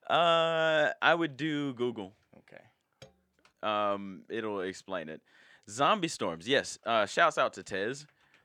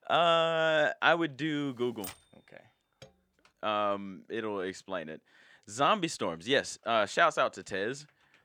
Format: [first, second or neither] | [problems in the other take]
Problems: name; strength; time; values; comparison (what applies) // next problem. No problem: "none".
first | keyboard typing; faint; at 2 s; peak 15 dB below the speech